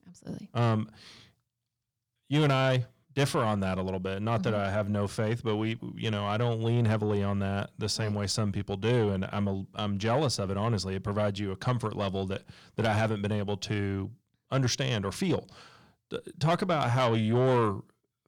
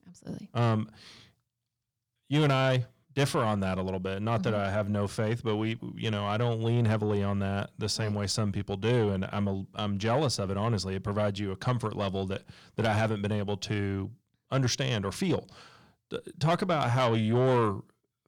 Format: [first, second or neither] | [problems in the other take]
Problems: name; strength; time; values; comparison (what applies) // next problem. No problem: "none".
neither | distortion; slight; 10 dB below the speech; the same in both